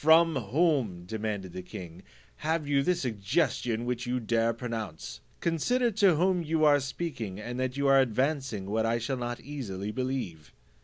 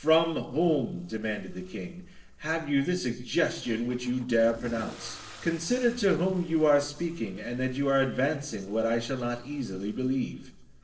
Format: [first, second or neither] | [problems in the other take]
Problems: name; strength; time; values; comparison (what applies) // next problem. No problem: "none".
first | noise reduction (neural separator model SepFormer DNS4)